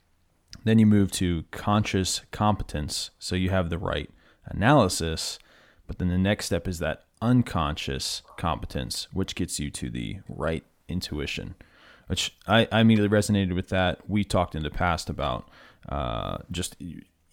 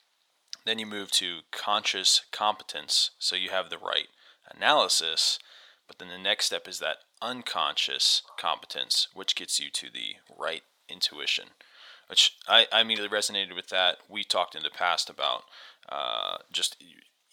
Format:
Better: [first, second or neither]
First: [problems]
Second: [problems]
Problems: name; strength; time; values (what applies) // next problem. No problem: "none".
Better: first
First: none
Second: thin; very; fading below 750 Hz